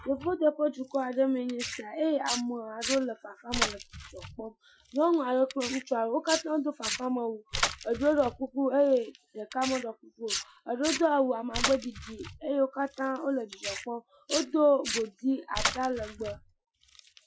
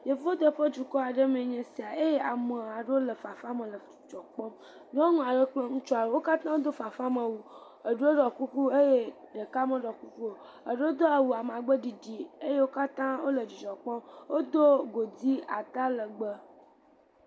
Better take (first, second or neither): second